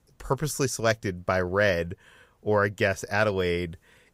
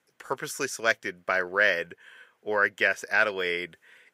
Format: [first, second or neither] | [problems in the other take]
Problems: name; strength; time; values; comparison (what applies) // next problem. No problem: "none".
first | thin; somewhat; fading below 300 Hz